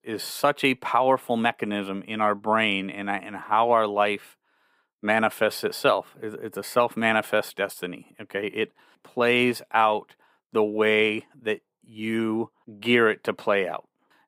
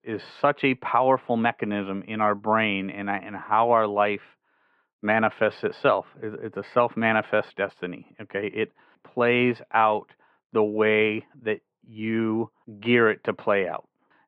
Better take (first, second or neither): first